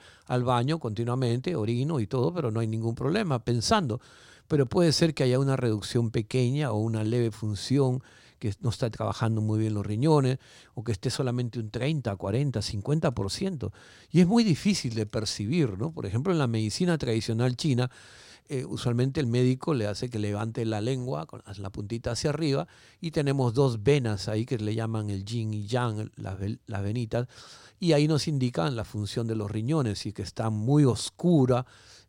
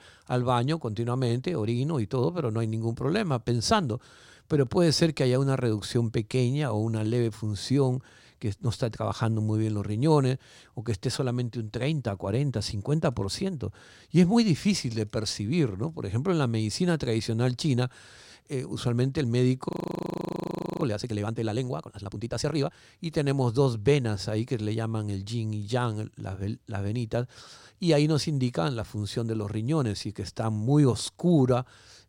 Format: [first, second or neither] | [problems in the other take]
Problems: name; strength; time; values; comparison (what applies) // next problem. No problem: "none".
first | audio freezing; at 20 s for 1 s